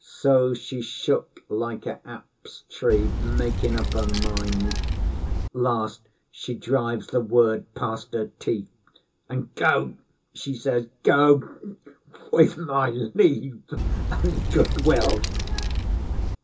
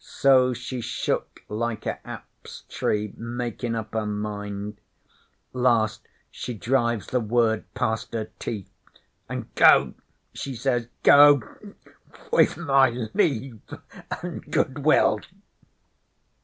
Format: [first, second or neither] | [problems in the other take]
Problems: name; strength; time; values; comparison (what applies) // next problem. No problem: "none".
second | background sound (Wind); 1 dB above the speech // room echo; dies away in 0.2 s